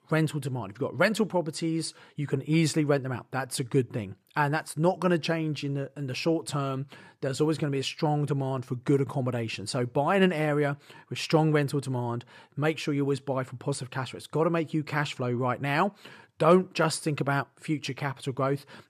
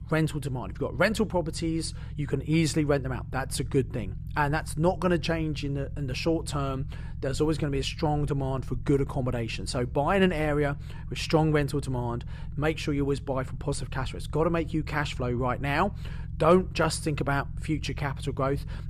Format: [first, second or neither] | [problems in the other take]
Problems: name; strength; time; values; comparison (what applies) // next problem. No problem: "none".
first | low rumble; faint; throughout; 25 dB below the speech